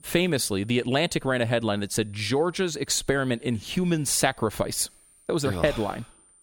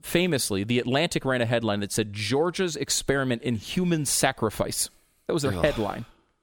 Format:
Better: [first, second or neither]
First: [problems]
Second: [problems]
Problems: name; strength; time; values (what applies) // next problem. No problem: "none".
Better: second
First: high-pitched whine; faint; throughout; 9 kHz, 30 dB below the speech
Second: none